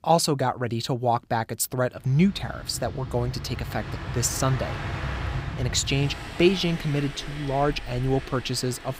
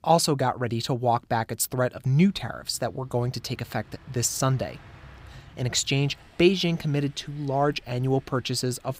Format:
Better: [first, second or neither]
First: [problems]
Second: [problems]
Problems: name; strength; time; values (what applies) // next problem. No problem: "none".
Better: second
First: train or aircraft noise; loud; from 2 s on; 9 dB below the speech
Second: train or aircraft noise; faint; from 2 s on; 25 dB below the speech